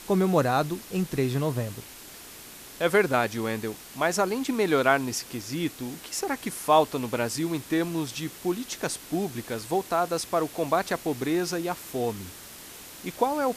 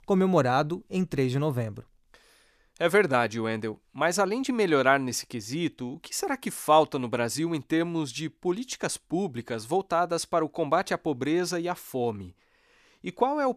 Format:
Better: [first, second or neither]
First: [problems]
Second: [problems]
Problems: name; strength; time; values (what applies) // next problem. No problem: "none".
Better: second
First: hiss; noticeable; throughout; 15 dB below the speech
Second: none